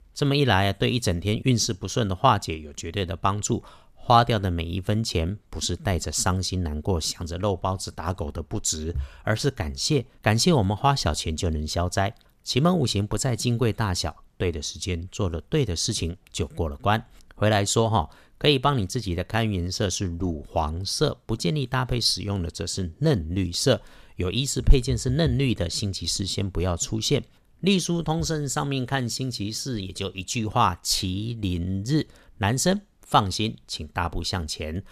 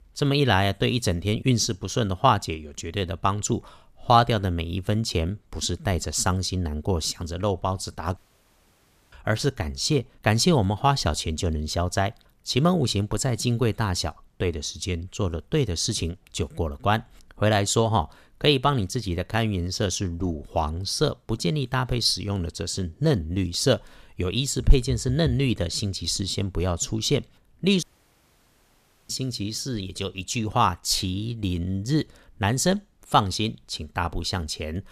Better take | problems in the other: first | audio cutting out; at 8 s for 1 s and at 28 s for 1.5 s

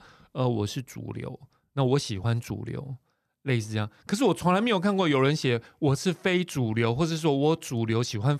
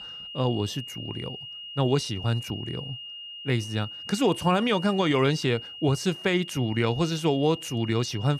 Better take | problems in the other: first | high-pitched whine; noticeable; throughout; 3 kHz, 10 dB below the speech

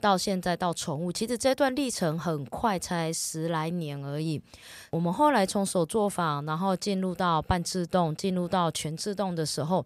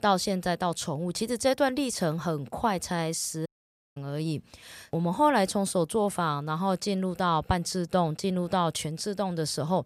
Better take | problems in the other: first | audio cutting out; at 3.5 s for 0.5 s

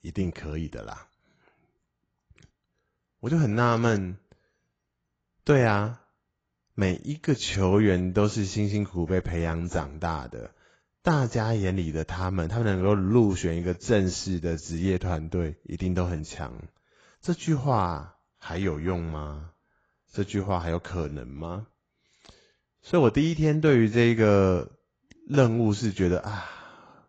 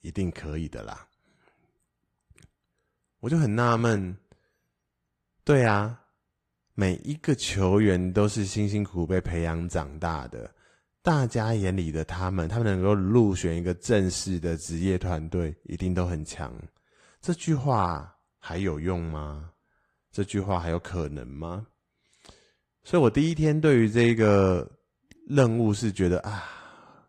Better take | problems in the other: second | garbled, watery; badly; nothing above 7.5 kHz; slightly in the second

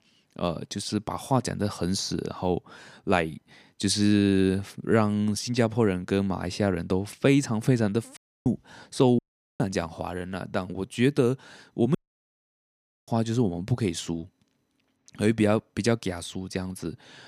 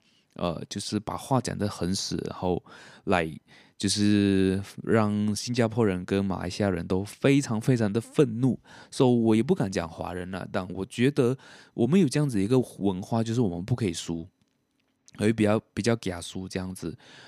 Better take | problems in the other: second | audio cutting out; at 8 s, at 9 s and at 12 s for 1 s

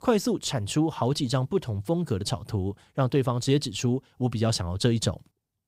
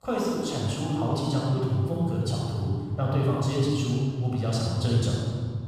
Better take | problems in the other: first | off-mic speech; far // room echo; strong; dies away in 2.3 s

